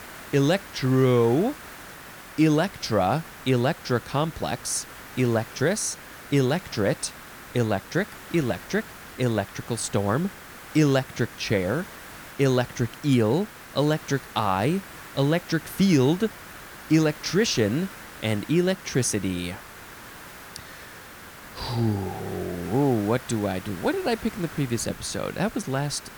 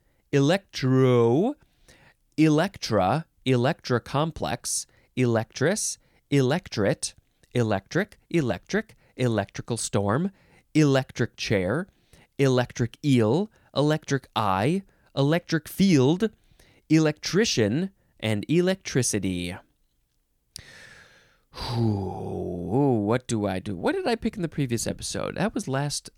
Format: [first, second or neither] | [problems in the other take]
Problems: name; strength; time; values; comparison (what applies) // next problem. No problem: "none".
second | hiss; noticeable; throughout; 15 dB below the speech